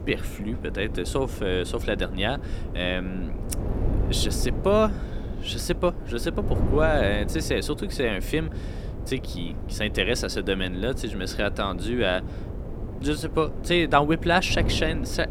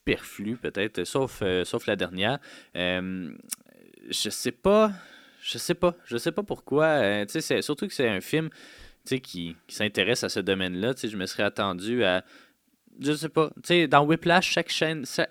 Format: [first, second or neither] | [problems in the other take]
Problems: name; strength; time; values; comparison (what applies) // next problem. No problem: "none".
second | wind noise on the microphone; occasional gusts; 15 dB below the speech